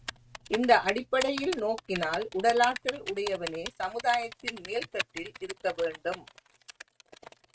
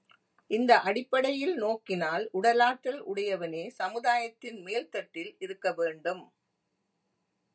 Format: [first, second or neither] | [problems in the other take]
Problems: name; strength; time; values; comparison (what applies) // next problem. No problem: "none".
second | noise reduction (neural mask model RNNoise)